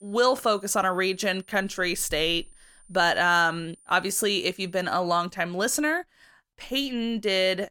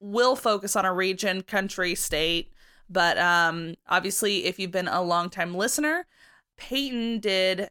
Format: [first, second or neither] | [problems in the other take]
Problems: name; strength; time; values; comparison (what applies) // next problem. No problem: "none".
second | high-pitched whine; faint; until 5 s; 9 kHz, 30 dB below the speech